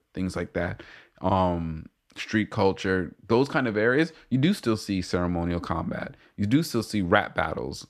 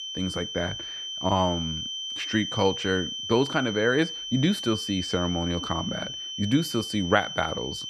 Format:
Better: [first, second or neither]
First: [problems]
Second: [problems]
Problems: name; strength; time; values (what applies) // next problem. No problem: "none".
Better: first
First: none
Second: high-pitched whine; loud; throughout; 3 kHz, 5 dB below the speech